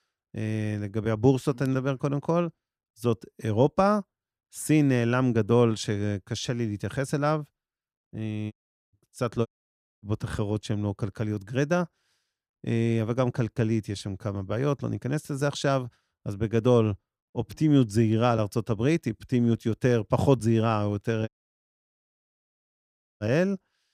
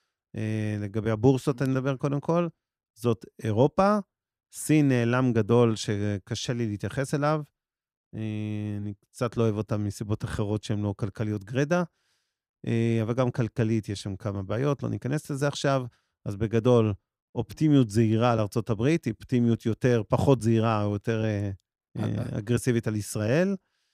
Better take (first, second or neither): second